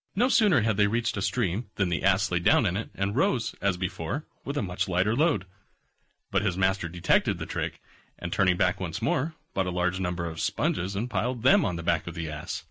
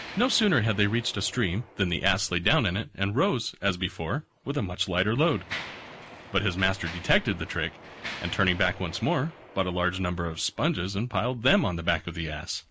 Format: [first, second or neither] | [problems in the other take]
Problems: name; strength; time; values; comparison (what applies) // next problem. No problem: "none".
first | background sound (Mechanisms); 18 dB below the speech